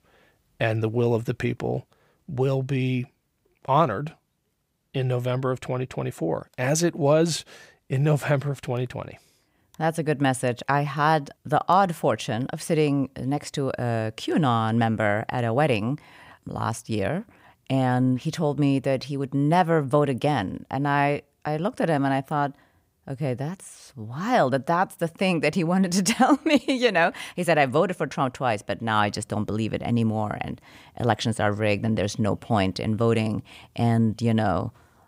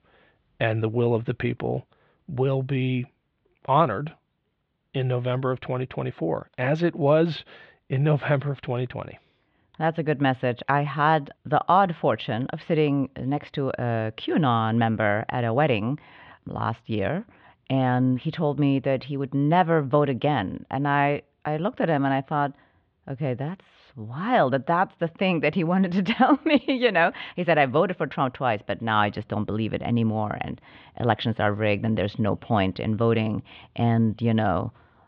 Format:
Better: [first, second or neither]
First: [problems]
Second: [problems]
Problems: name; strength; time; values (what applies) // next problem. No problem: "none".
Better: first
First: none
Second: muffled; very; fading above 3.5 kHz